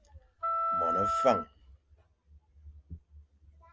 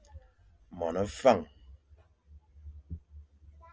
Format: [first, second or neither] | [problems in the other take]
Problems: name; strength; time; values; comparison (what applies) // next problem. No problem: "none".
second | background sound (Wind instrument, woodwind instrument); 5 dB above the speech